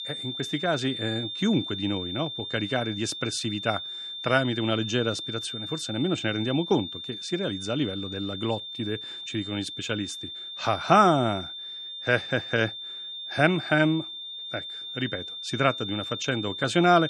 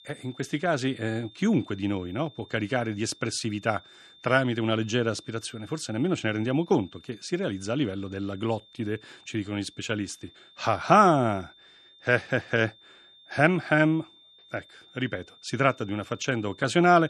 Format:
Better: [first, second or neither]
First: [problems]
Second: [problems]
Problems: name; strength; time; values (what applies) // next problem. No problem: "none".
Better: second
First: high-pitched whine; loud; throughout; 3.5 kHz, 7 dB below the speech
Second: high-pitched whine; faint; throughout; 3.5 kHz, 25 dB below the speech